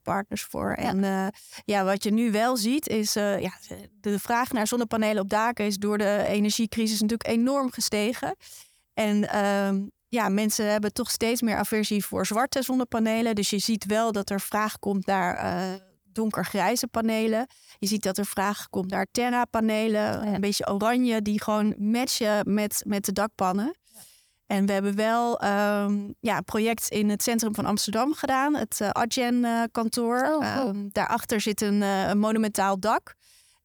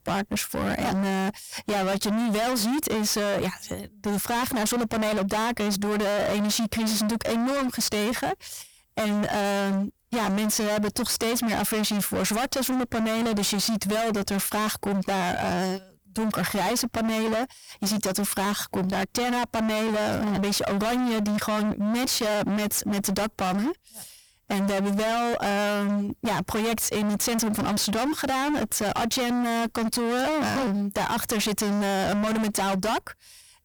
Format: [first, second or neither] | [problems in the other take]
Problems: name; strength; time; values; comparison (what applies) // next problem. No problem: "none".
first | distortion; heavy; 43% of the sound clipped